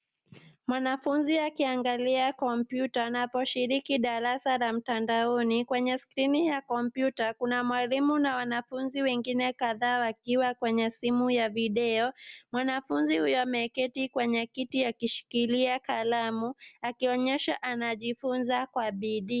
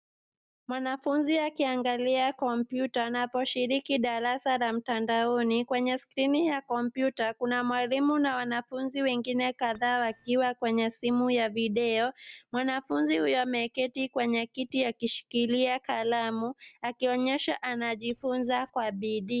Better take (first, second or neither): first